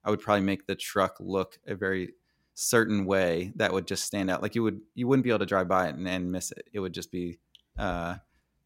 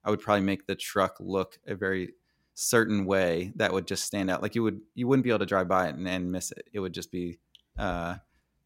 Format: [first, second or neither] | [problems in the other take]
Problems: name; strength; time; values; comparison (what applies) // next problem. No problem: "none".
neither | none